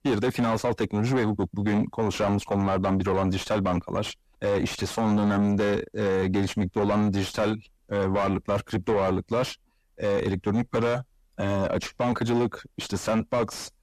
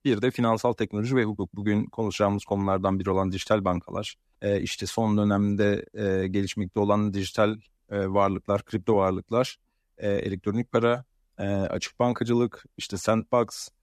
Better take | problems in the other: second | distortion; heavy; 6 dB below the speech

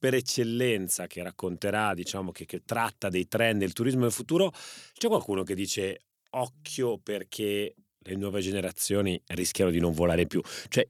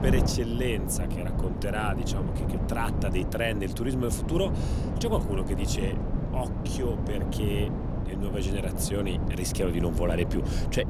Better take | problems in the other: first | wind noise on the microphone; heavy; 5 dB below the speech

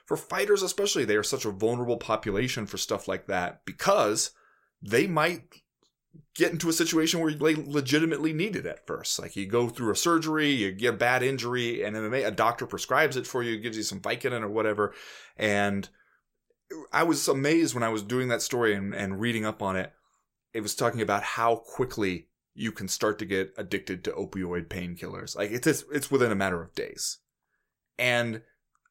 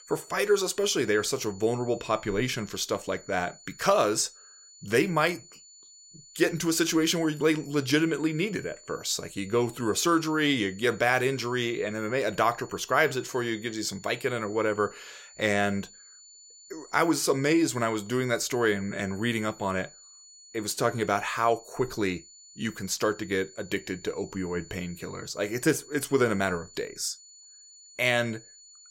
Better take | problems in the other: first | high-pitched whine; faint; throughout; 7 kHz, 20 dB below the speech

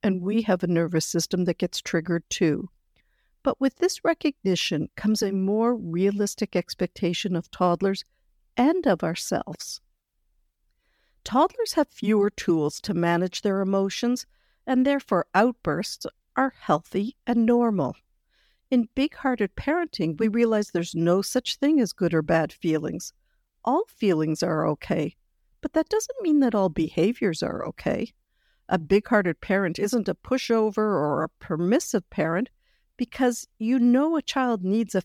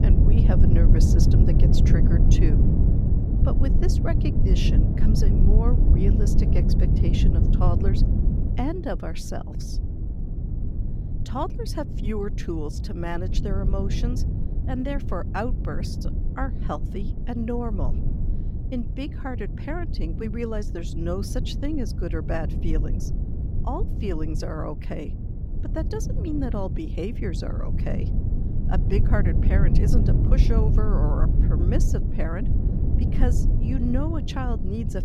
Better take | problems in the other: first | low rumble; loud; throughout; 3 dB below the speech

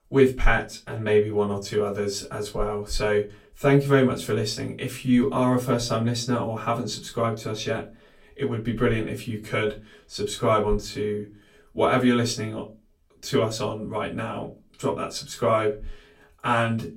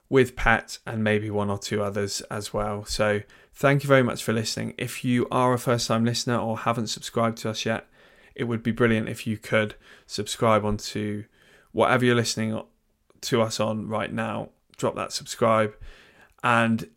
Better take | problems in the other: second | off-mic speech; far // room echo; very slight; dies away in 0.2 s

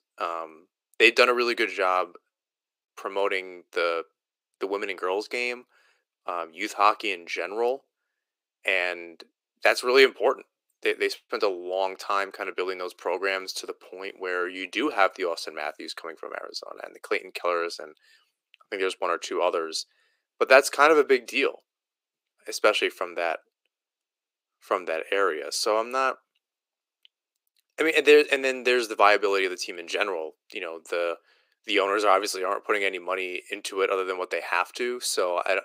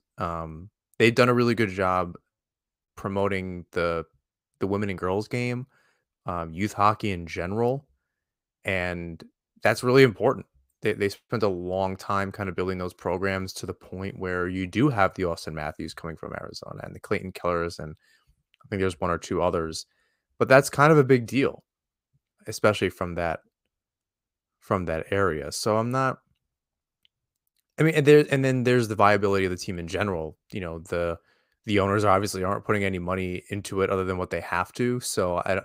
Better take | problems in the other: second | thin; very; fading below 350 Hz

